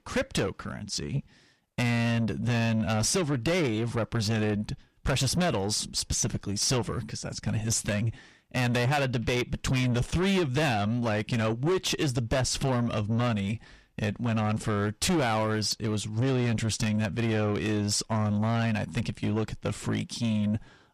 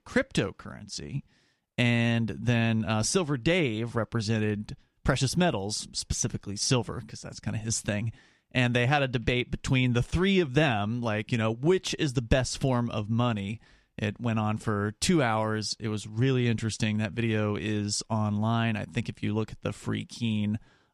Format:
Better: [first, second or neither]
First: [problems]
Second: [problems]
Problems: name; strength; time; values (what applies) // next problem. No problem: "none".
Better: second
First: distortion; heavy; 7 dB below the speech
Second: none